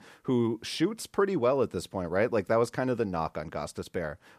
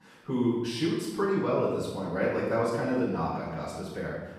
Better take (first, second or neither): first